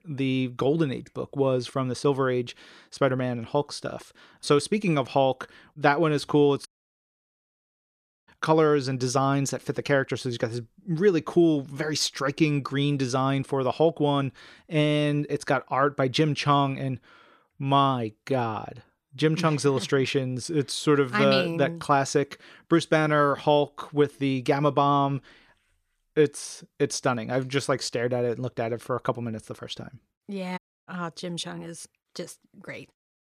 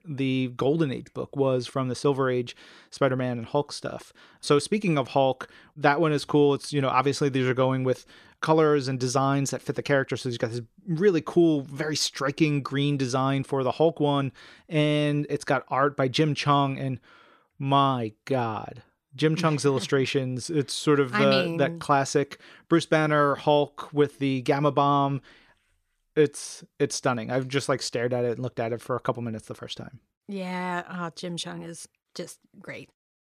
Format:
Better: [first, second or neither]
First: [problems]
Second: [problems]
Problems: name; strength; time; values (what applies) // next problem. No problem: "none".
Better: second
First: audio cutting out; at 6.5 s for 1.5 s and at 31 s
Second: none